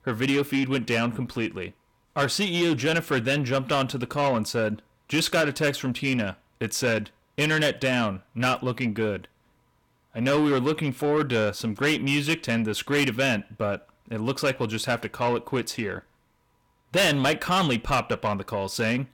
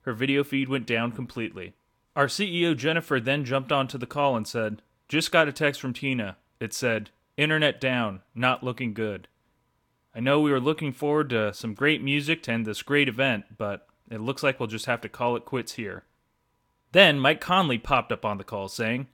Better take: second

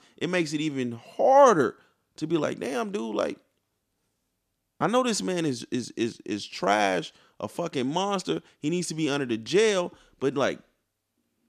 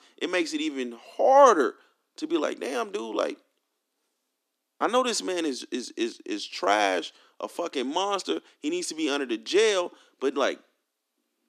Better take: first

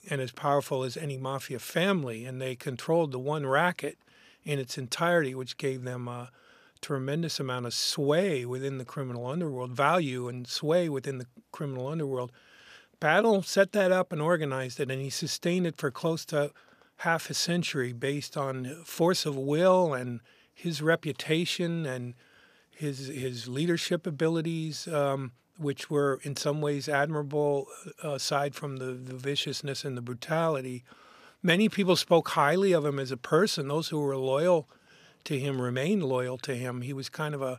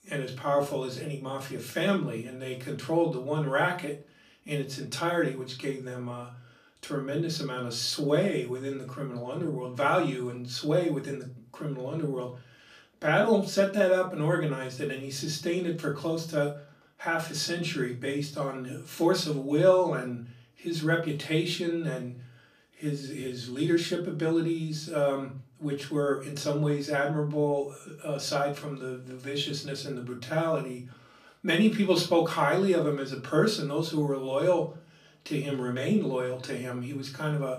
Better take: first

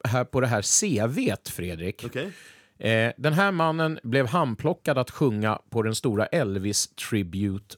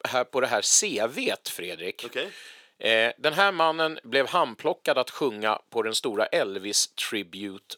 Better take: first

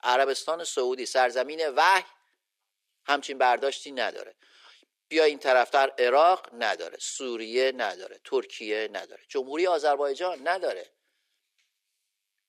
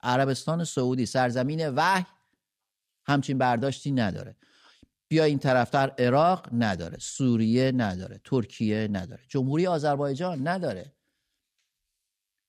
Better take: second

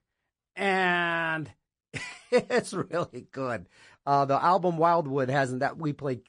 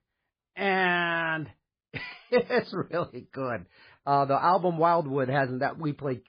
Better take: first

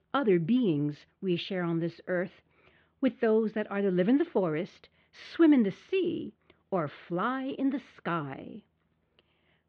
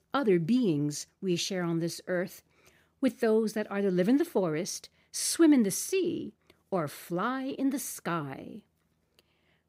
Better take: second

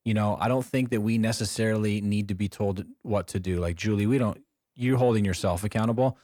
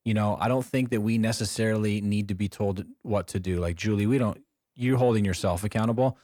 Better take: neither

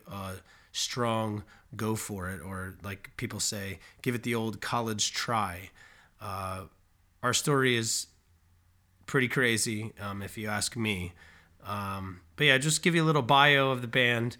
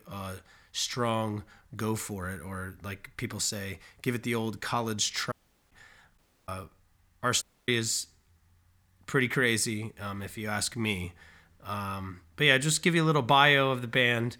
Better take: first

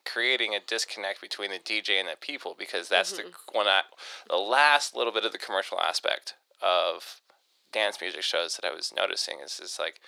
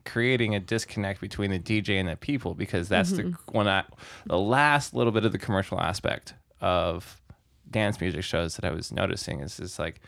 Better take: second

